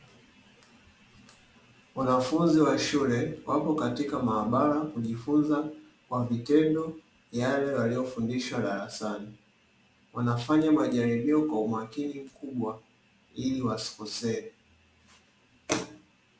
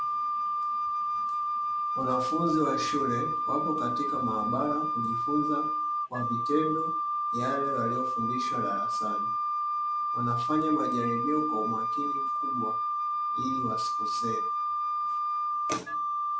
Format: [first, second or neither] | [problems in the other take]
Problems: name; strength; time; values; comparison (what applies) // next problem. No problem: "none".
first | background sound (Wind instrument, woodwind instrument); 4 dB above the speech